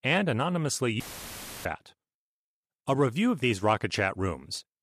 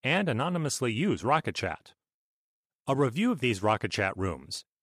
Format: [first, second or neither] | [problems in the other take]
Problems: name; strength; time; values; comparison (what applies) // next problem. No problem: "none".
second | audio cutting out; filled with static; at 1 s for 0.5 s